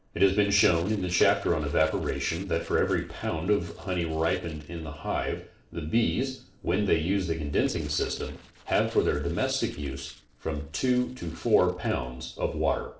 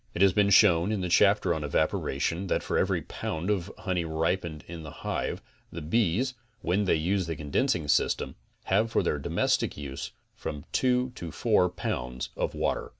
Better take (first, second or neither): second